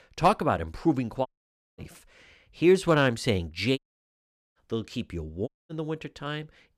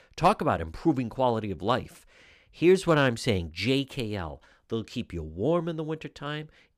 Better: second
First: audio cutting out; at 1.5 s for 0.5 s, at 4 s for 1 s and at 5.5 s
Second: none

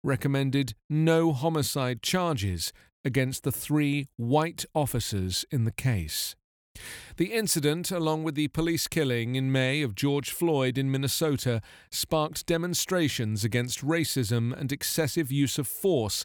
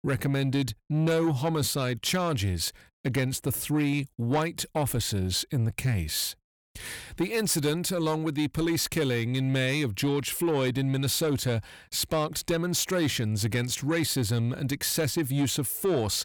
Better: first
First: none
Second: distortion; slight; 10 dB below the speech

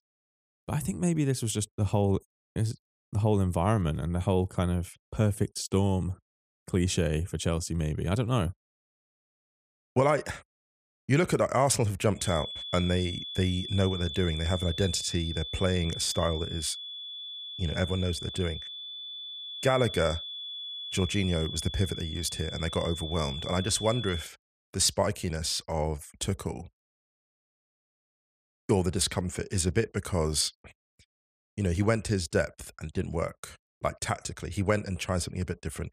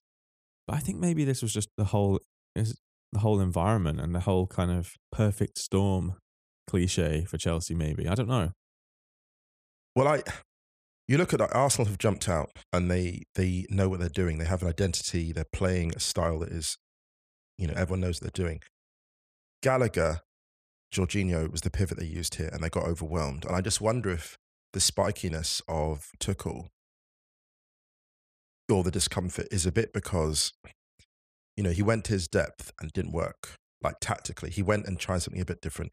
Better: second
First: high-pitched whine; loud; from 12 to 24 s; 3.5 kHz, 7 dB below the speech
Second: none

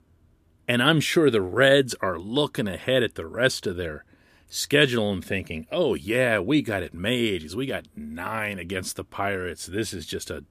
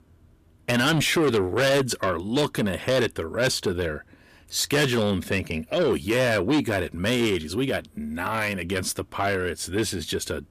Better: first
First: none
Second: distortion; heavy; 7 dB below the speech

